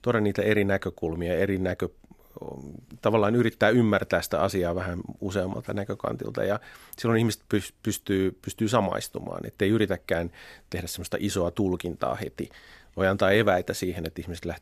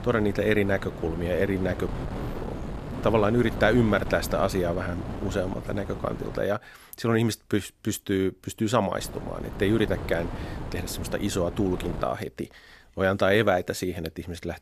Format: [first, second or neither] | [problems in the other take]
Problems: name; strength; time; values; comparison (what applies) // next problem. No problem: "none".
first | wind noise on the microphone; occasional gusts; until 6.5 s and from 9 to 12 s; 15 dB below the speech